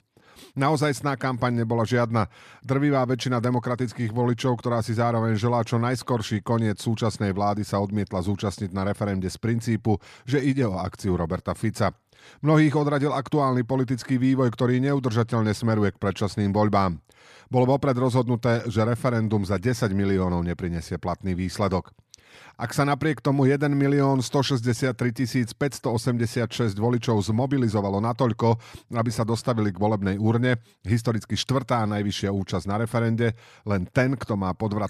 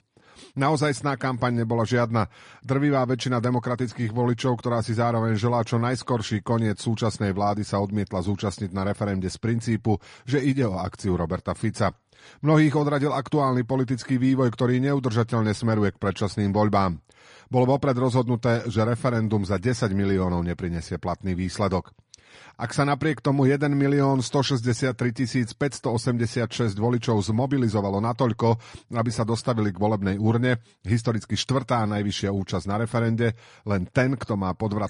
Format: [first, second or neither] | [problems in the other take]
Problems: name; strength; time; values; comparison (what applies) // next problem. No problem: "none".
first | garbled, watery; slightly; nothing above 10.5 kHz